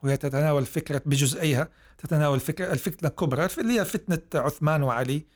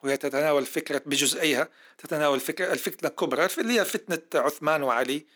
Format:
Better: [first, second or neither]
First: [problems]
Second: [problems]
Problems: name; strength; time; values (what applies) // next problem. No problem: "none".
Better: first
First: none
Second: thin; somewhat; fading below 250 Hz